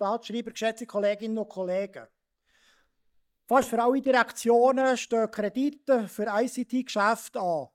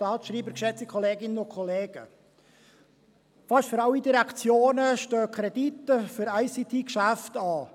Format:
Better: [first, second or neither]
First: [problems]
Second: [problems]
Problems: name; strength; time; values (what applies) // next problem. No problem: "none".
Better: second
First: noise reduction (neural mask model DeepFilterNet 3)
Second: none